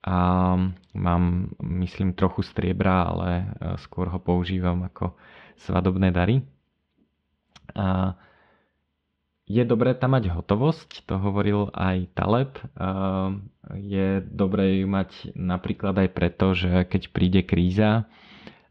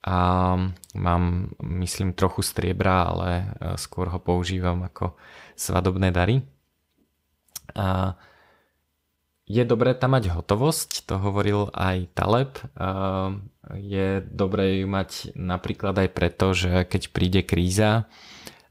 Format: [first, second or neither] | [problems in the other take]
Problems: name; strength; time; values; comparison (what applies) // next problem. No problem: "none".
second | muffled; slightly; fading above 3.5 kHz